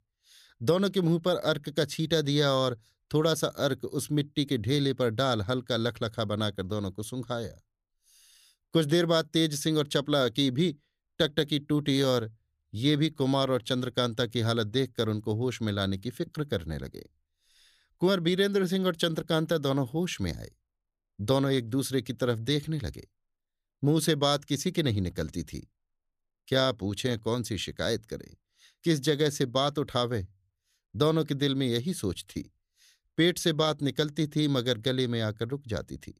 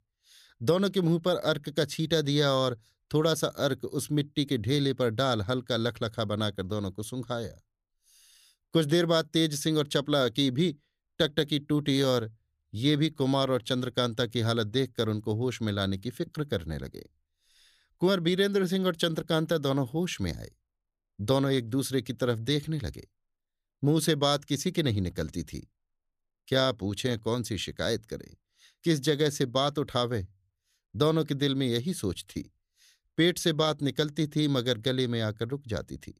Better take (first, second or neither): neither